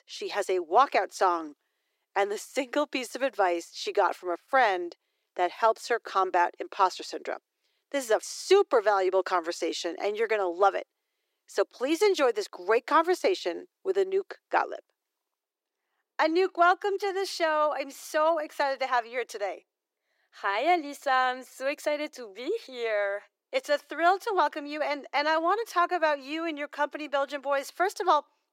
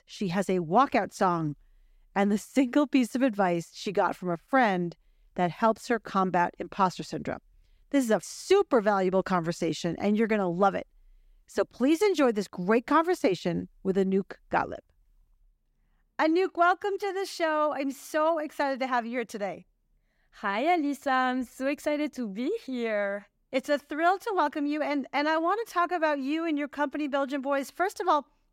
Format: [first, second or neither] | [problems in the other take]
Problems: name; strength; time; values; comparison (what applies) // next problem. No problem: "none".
second | thin; very; fading below 350 Hz